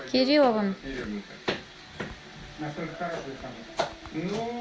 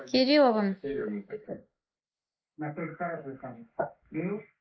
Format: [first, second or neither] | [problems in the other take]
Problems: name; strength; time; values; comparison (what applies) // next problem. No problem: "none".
first | noise reduction (neural mask model Resemble Enhance denoiser)